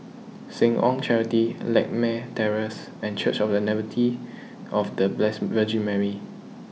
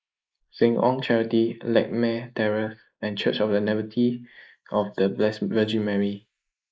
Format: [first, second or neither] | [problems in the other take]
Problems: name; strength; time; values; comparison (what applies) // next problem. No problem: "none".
first | noise reduction (neural mask model Resemble Enhance denoiser)